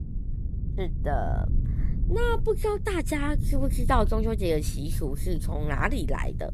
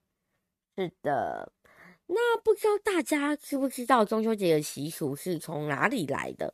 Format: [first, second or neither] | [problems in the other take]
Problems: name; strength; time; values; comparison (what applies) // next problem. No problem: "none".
second | low rumble; noticeable; throughout; 15 dB below the speech